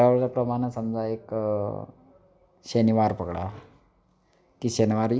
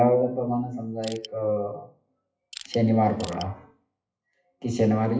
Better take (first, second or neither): first